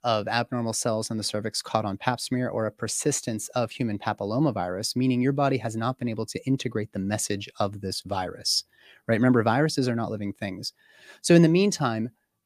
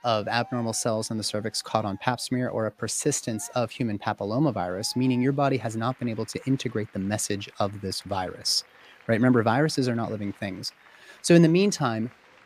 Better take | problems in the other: first | crowd noise; faint; throughout; 25 dB below the speech

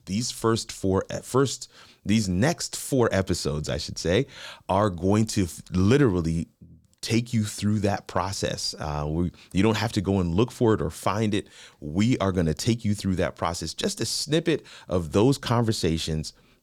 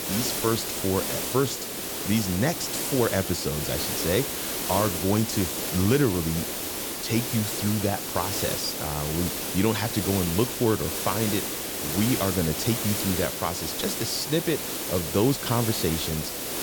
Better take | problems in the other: first | hiss; loud; throughout; 1 dB below the speech

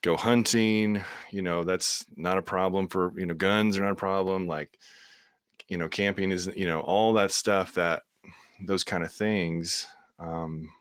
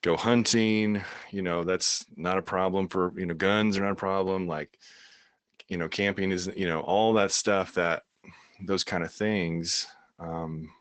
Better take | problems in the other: first | garbled, watery; badly; nothing above 8 kHz; slightly in the first

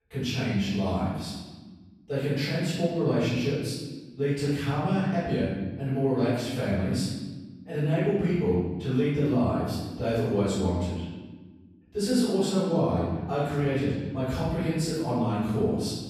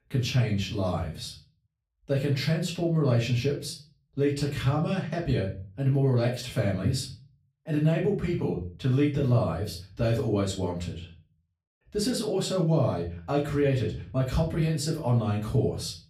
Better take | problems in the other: second | room echo; strong; dies away in 1.3 s; slight in the second // off-mic speech; far; far in the second

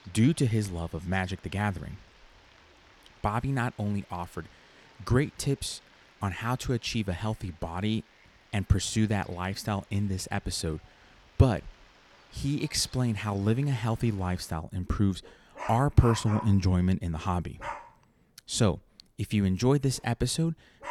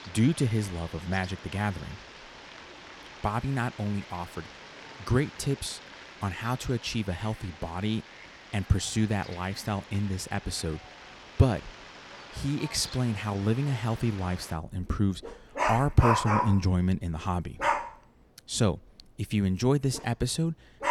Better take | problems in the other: first | animal sounds; loud; throughout; 9 dB below the speech; faint in the first

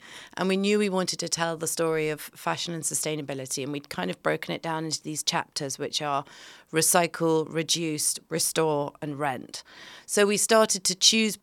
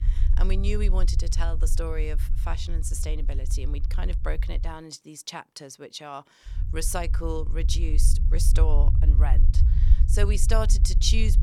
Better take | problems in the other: first | low rumble; noticeable; until 4.5 s and from 6.5 s on; 10 dB below the speech

